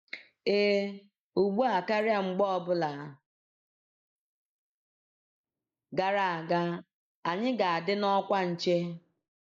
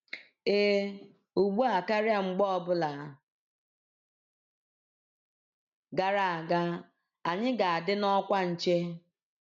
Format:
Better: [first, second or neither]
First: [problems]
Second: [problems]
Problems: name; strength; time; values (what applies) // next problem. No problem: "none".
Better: second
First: noise reduction (neural mask model Resemble Enhance denoiser)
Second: none